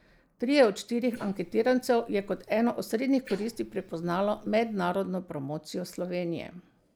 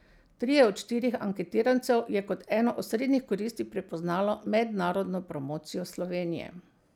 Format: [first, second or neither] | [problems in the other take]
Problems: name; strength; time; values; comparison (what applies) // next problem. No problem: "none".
second | noise reduction (neural mask model Resemble Enhance denoiser)